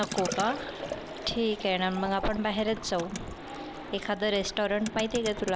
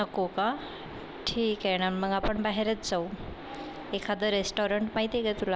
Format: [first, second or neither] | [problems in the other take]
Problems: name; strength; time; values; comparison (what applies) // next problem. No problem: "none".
second | background sound (Motor vehicle (road) + Liquid); 11 dB below the speech